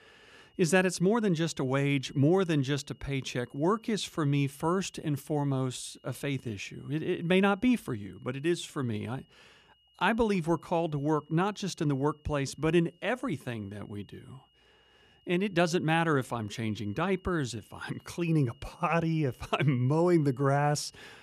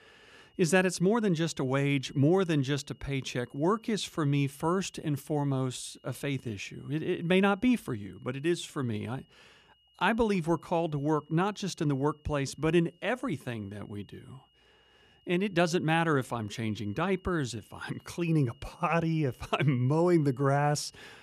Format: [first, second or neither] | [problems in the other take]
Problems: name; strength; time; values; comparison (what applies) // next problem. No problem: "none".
neither | high-pitched whine; faint; throughout; 3 kHz, 35 dB below the speech; the same in both